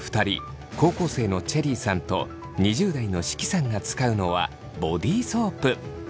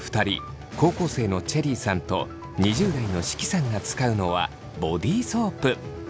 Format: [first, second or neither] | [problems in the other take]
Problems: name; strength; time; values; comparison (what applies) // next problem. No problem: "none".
first | background sound (Cricket / Waves, surf); 17 dB below the speech